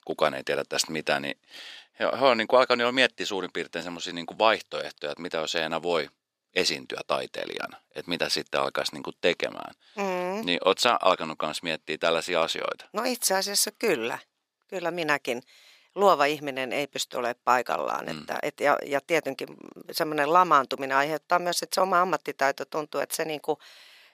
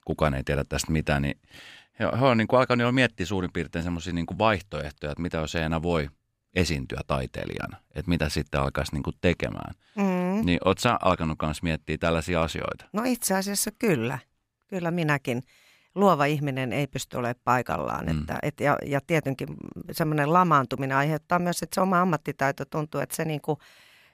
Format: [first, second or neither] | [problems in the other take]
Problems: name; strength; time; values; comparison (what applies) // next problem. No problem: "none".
second | thin; somewhat; fading below 450 Hz